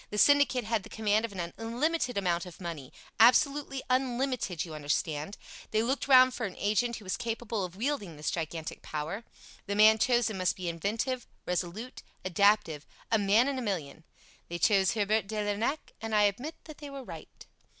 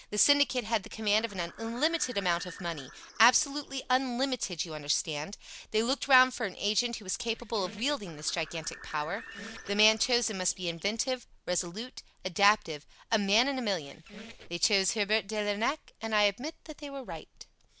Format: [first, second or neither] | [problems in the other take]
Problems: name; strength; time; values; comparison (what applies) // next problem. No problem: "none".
first | background sound (Bird + Squeak); 18 dB below the speech